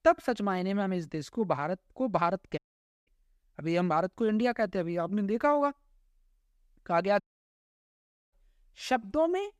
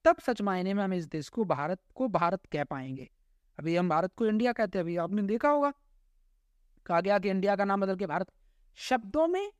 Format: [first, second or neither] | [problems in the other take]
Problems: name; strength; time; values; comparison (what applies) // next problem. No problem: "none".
second | audio cutting out; at 2.5 s and at 7 s for 1 s